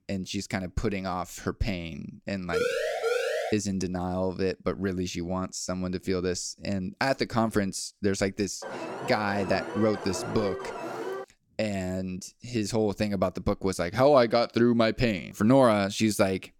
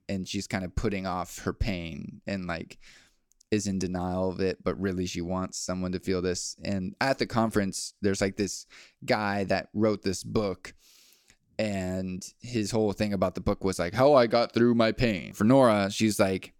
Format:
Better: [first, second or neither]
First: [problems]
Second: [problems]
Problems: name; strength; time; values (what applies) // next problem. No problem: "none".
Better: second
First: siren; noticeable; from 2.5 to 3.5 s; peak level with the speech // alarm; noticeable; from 8.5 to 11 s; peak 7 dB below the speech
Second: none